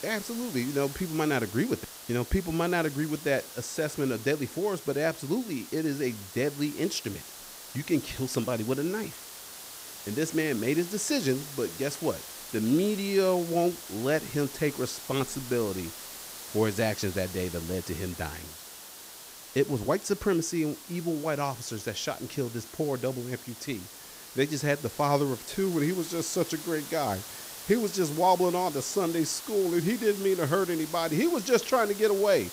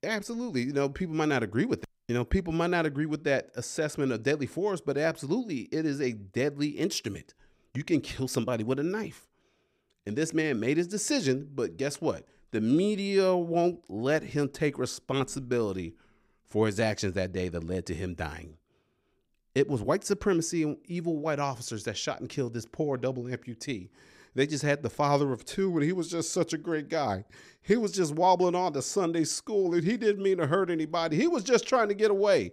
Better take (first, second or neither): second